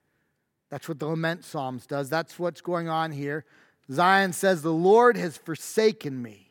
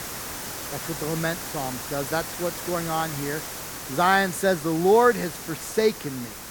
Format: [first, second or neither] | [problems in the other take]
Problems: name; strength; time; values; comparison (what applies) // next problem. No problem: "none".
first | hiss; loud; throughout; 8 dB below the speech